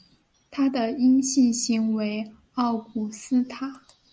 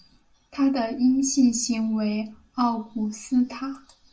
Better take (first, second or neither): first